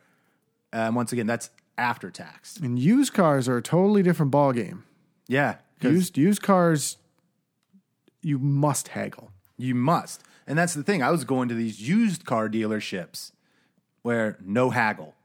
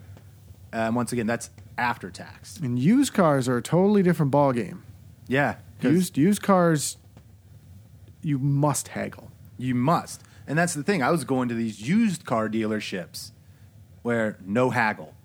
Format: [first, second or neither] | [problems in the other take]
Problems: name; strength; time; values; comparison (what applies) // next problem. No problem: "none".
first | hiss; faint; throughout; 25 dB below the speech